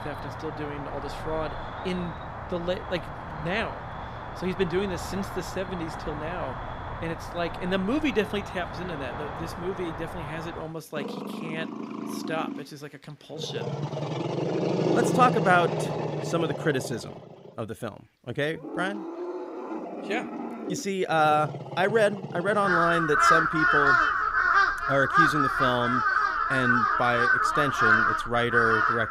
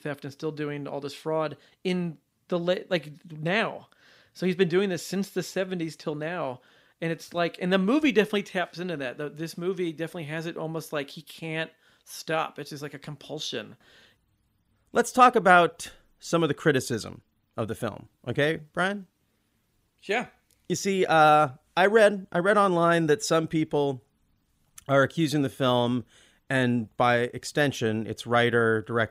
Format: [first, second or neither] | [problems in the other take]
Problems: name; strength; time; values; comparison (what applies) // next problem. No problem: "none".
second | animal sounds; very loud; throughout; 1 dB above the speech